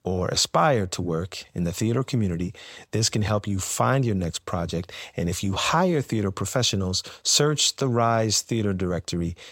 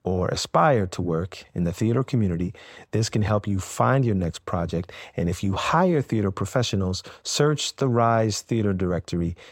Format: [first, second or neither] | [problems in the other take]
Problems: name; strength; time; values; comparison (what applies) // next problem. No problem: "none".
first | muffled; slightly; fading above 2.5 kHz